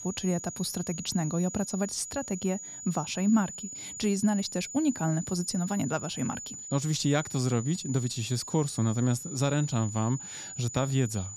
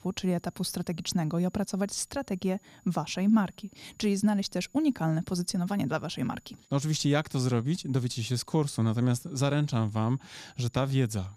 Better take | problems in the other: second | high-pitched whine; loud; throughout; 7 kHz, 9 dB below the speech; faint in the second

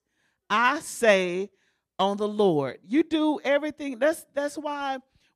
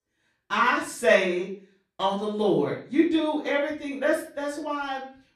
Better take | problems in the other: first | room echo; slight; dies away in 0.4 s // off-mic speech; far

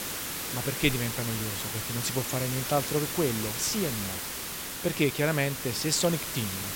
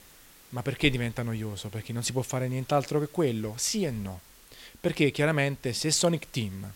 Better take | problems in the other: second | hiss; loud; throughout; 2 dB below the speech; faint in the second

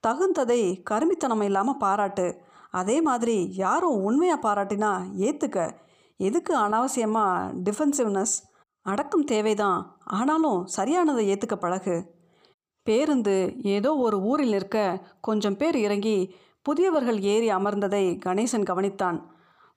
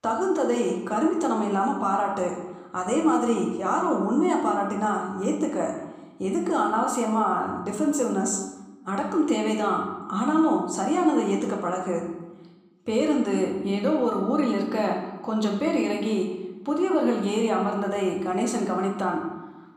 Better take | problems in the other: first | room echo; noticeable; dies away in 0.8 s // off-mic speech; somewhat distant

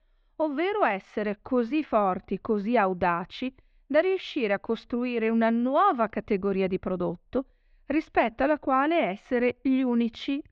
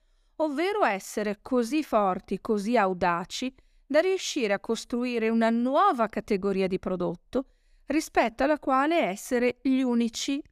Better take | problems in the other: second | muffled; slightly; fading above 3.5 kHz

